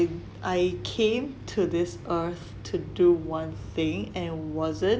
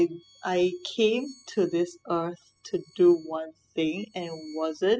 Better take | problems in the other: first | noise reduction (classical method spectral subtraction)

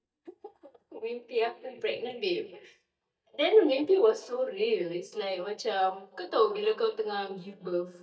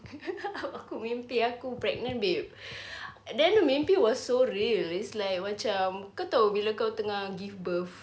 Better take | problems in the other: second | noise reduction (neural mask model DeepFilterNet 3)

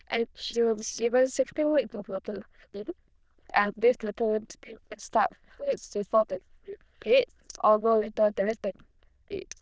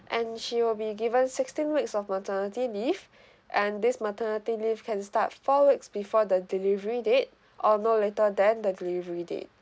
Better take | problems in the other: second | noise reduction (neural diffusion model UNIVERSE++)

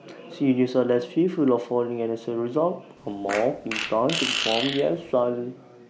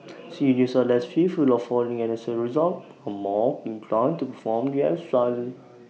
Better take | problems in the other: second | background sound (Fart); 6 dB below the speech

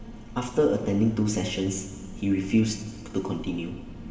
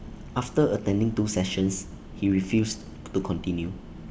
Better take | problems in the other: second | room echo; dies away in 2.3 s

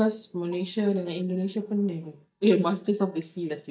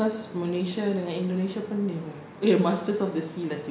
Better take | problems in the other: second | noise reduction (neural mask model DeepFilterNet 3)

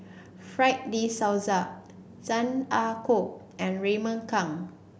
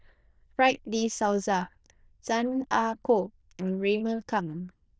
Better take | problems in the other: first | noise reduction (neural diffusion model UNIVERSE++)

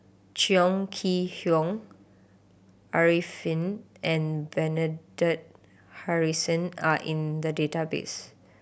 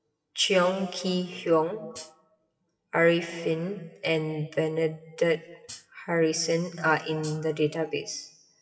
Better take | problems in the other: first | noise reduction (classical method WPE with log-MMSE)

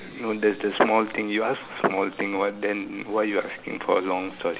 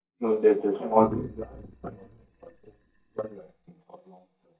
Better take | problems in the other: first | noise reduction (neural mask model DeepFilterNet 3)

